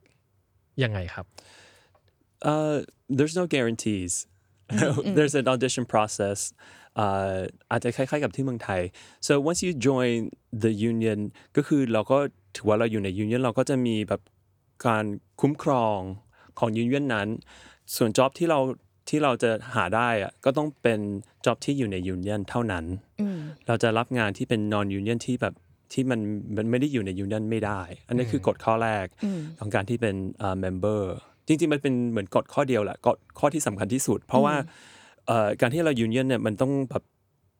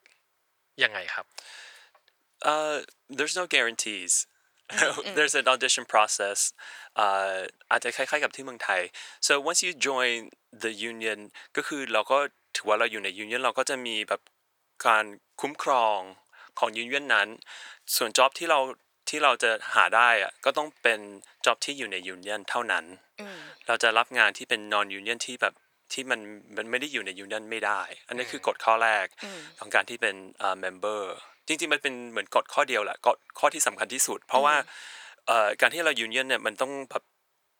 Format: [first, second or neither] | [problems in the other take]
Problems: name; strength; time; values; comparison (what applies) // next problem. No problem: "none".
first | thin; very; fading below 850 Hz